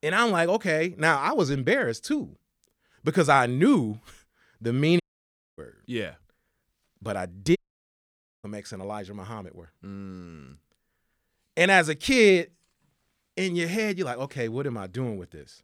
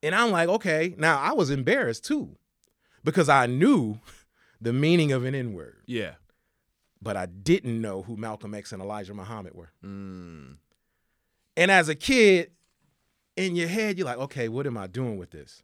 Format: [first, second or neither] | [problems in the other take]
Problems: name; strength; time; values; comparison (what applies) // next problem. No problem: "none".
second | audio cutting out; at 5 s for 0.5 s and at 7.5 s for 1 s